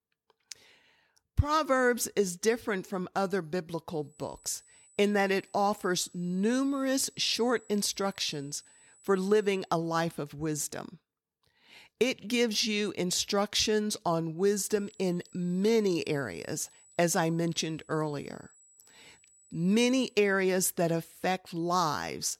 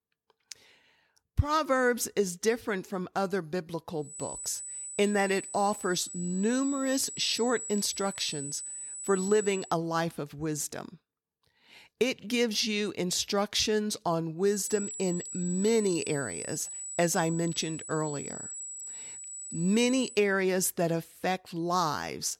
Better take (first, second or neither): first